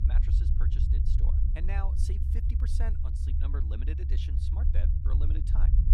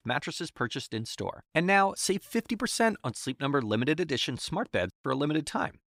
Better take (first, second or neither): second